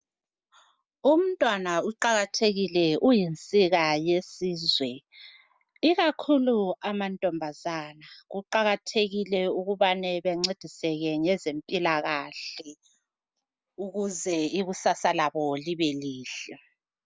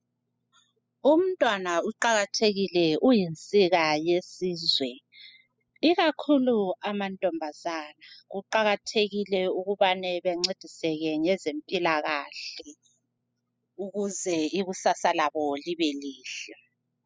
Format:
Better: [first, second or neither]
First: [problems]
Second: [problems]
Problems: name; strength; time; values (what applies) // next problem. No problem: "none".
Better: first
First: none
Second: noise reduction (classical method spectral subtraction)